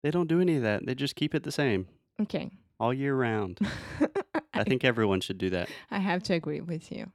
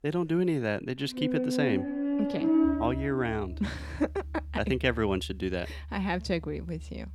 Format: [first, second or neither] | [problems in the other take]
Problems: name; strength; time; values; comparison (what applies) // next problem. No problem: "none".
first | background music; loud; throughout; 1 dB below the speech